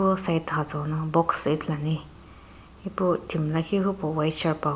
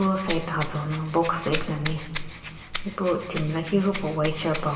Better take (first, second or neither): first